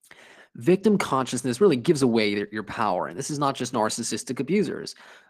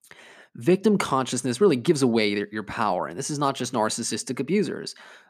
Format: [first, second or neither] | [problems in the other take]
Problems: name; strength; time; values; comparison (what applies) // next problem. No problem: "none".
second | garbled, watery; slightly; nothing above 14.5 kHz